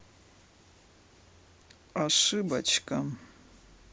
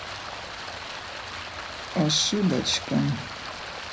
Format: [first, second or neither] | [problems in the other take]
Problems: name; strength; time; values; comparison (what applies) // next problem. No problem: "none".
first | background sound (Stream); 7 dB below the speech // room echo; dies away in 0.5 s